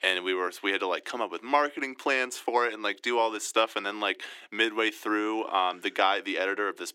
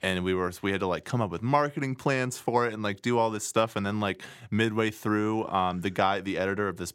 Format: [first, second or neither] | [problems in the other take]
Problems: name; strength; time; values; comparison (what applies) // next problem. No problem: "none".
second | thin; somewhat; fading below 300 Hz